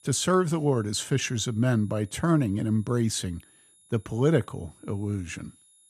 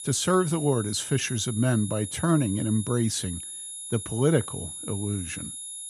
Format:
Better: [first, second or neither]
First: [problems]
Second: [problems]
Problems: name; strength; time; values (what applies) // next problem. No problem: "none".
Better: first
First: high-pitched whine; faint; throughout; 10.5 kHz, 30 dB below the speech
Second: high-pitched whine; loud; throughout; 10.5 kHz, 9 dB below the speech